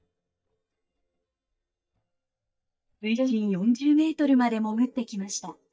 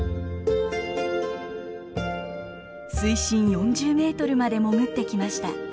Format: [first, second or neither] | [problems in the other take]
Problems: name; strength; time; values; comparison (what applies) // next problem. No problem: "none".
second | noise reduction (neural mask model DeepFilterNet 3)